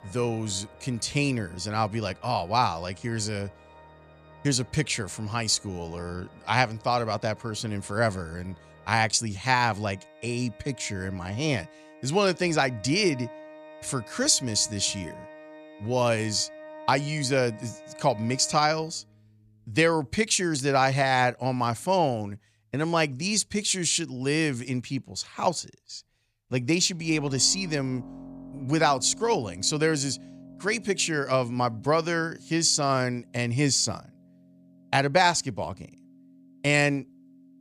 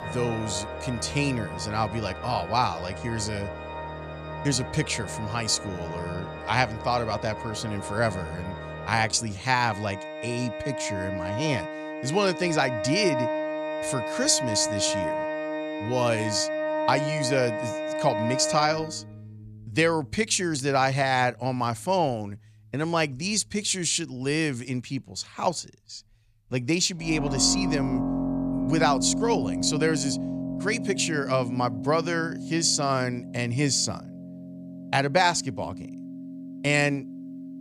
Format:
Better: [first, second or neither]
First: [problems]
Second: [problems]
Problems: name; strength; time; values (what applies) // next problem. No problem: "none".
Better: first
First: background music; faint; throughout; 20 dB below the speech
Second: background music; loud; throughout; 6 dB below the speech